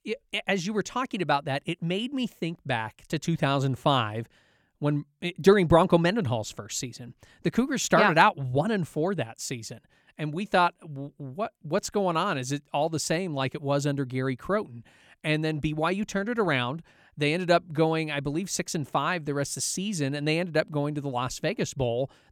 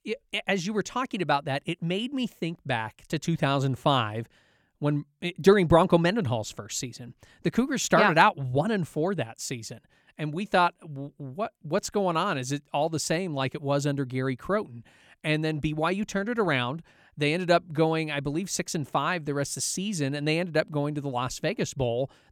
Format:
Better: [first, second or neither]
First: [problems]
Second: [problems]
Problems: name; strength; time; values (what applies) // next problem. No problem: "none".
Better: neither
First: none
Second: none